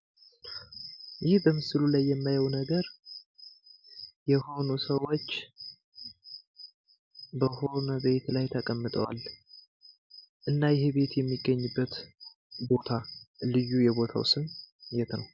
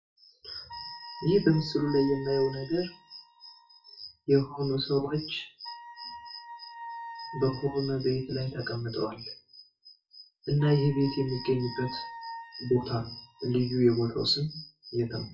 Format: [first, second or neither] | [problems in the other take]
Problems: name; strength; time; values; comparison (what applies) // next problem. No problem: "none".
first | noise reduction (classical method WPE with log-MMSE)